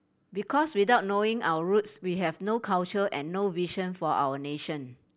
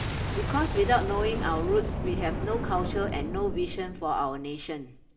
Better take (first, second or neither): first